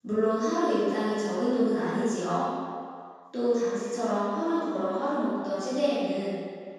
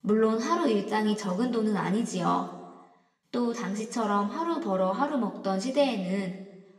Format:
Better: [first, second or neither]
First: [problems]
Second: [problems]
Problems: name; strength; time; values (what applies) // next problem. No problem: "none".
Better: second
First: room echo; strong; dies away in 1.8 s // off-mic speech; far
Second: room echo; slight; dies away in 1 s